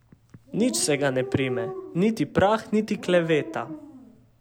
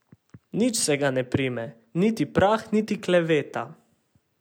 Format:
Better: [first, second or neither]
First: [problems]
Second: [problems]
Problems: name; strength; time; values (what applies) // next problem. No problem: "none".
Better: second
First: background sound (Dog); 13 dB below the speech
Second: none